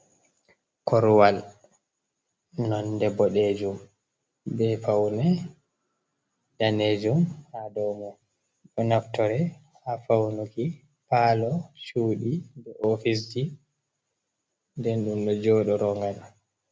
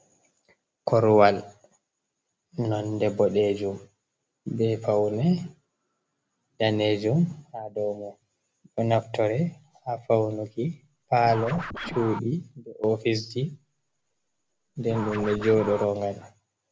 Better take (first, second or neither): first